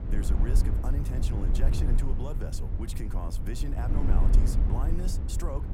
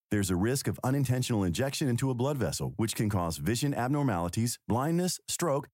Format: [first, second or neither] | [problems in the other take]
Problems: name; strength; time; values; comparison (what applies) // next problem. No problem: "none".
second | low rumble; loud; throughout; 2 dB below the speech